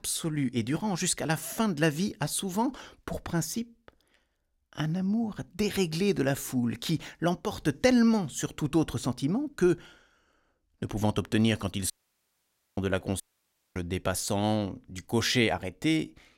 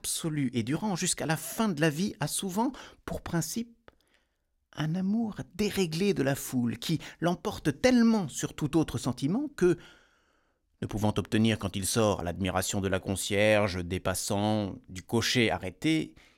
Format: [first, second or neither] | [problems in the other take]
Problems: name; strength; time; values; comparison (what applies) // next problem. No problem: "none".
second | audio cutting out; at 12 s for 1 s and at 13 s for 0.5 s